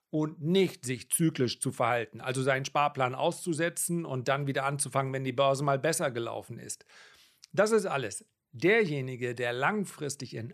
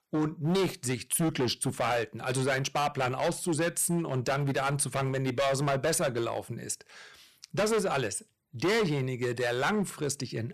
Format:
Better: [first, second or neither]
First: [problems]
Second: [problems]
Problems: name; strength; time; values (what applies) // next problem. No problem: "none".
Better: first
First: none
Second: distortion; heavy; 14% of the sound clipped